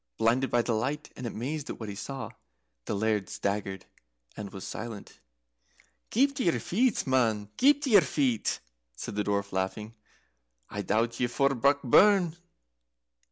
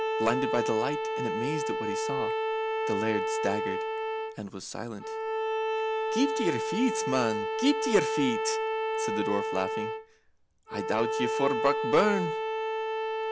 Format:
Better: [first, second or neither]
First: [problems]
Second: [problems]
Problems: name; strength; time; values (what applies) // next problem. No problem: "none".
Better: first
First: none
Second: background sound (Bowed string instrument); 1 dB above the speech